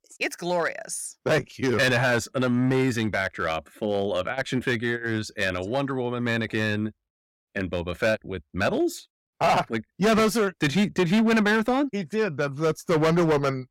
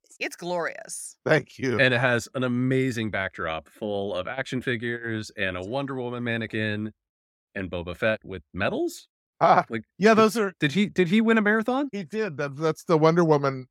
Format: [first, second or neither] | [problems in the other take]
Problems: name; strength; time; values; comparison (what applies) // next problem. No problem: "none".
second | distortion; heavy; 8% of the sound clipped